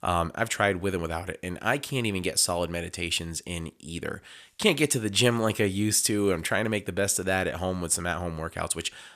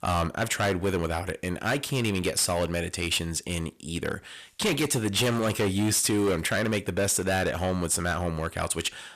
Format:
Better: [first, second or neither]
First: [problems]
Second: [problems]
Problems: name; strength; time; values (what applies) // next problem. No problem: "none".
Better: first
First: none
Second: distortion; heavy; 13% of the sound clipped